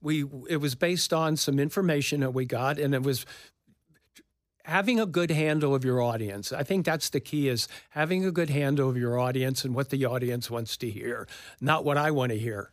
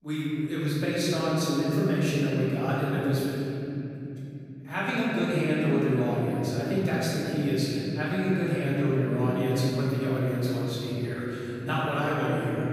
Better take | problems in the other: first | room echo; strong; dies away in 3 s // off-mic speech; far

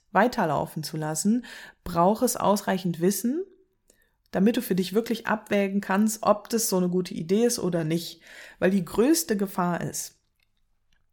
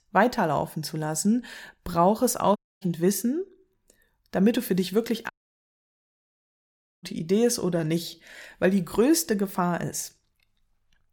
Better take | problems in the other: first | audio cutting out; at 2.5 s and at 5.5 s for 1.5 s

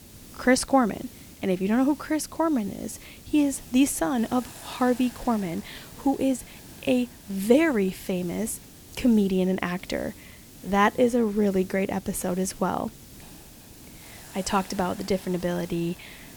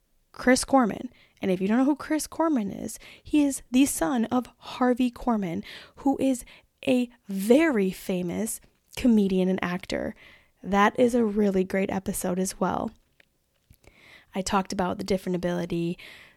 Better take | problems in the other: second | hiss; noticeable; throughout; 20 dB below the speech

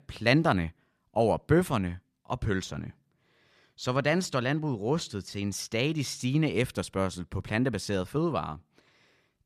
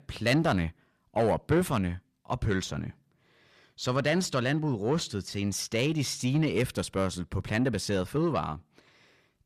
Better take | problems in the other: first | distortion; slight; 10 dB below the speech

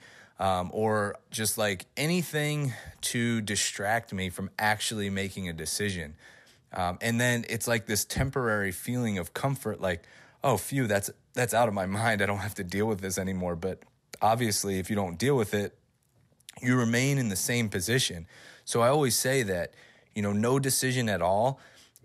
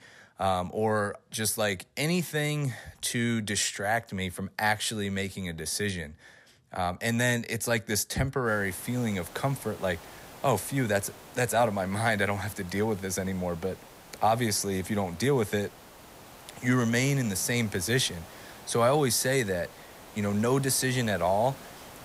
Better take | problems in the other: first | hiss; noticeable; from 8.5 s on; 20 dB below the speech

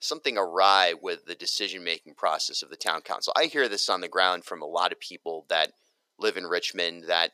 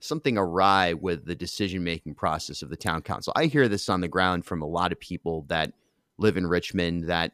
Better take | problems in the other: second | thin; very; fading below 450 Hz

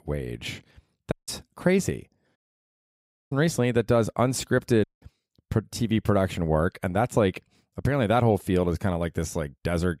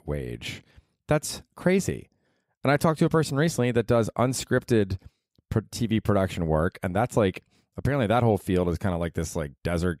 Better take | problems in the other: second | audio cutting out; at 1 s, at 2.5 s for 1 s and at 5 s

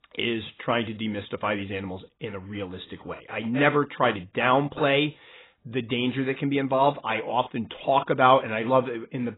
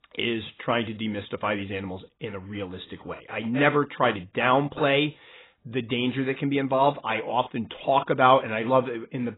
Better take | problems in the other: neither | garbled, watery; badly; nothing above 4 kHz; the same in both

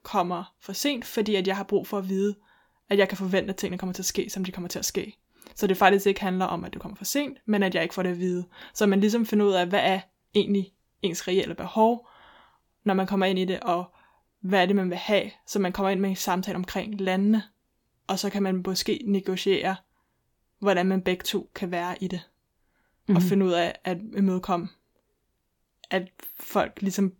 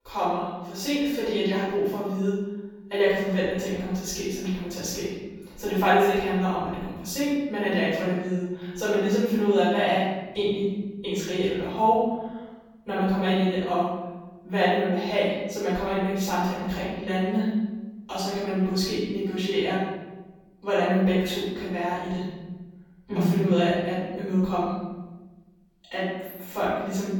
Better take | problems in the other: first | off-mic speech; far // room echo; strong; dies away in 1.2 s

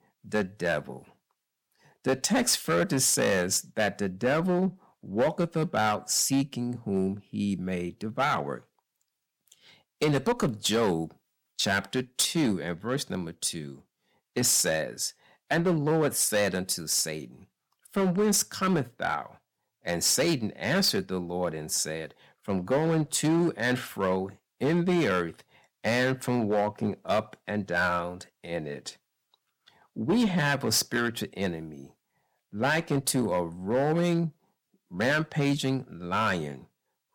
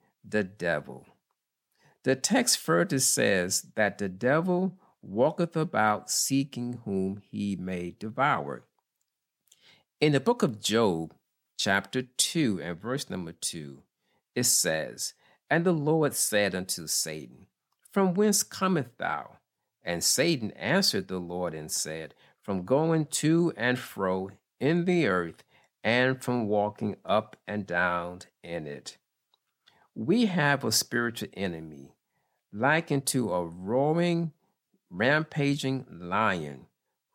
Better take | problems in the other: second | distortion; slight; 6% of the sound clipped

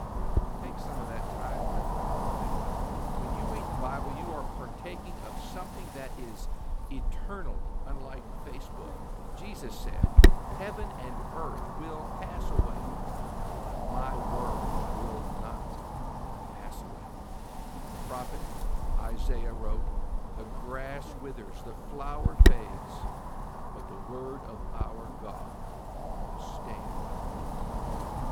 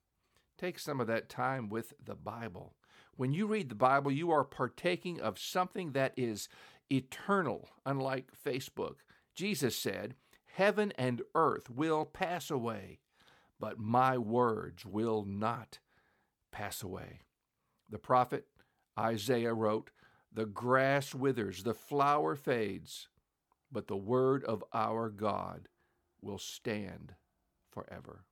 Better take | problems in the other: second | wind noise on the microphone; heavy; 5 dB above the speech

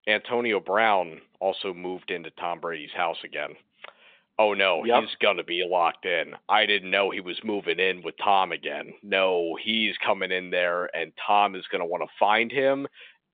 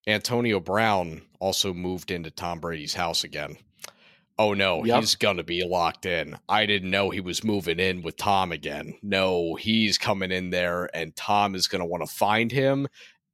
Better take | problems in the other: second | phone-call audio

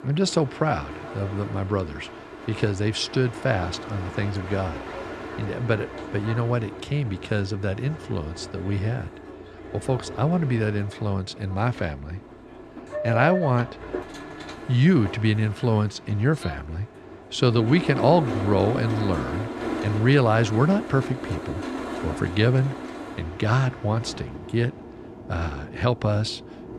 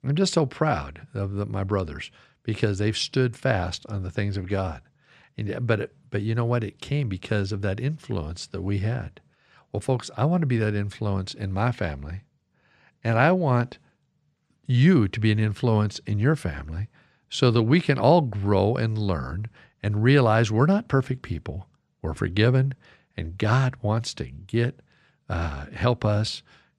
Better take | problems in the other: second | train or aircraft noise; noticeable; throughout; 10 dB below the speech

